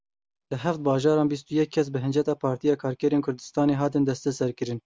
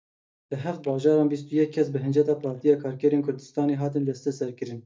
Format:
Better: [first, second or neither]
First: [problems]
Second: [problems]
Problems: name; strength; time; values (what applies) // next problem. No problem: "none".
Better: first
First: none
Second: noise reduction (neural mask model DeepFilterNet 3)